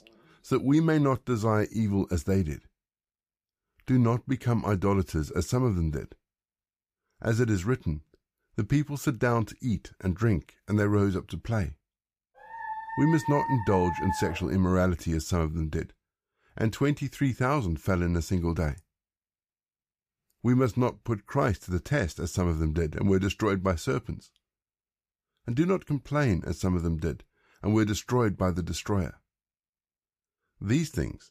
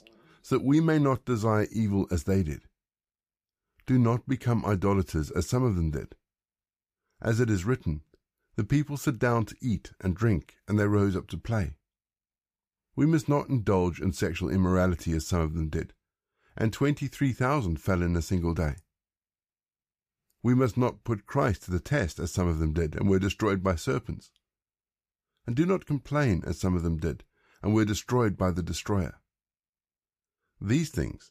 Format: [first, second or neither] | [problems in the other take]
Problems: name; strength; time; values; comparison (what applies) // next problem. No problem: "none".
second | dog barking; noticeable; from 13 to 14 s; peak 4 dB below the speech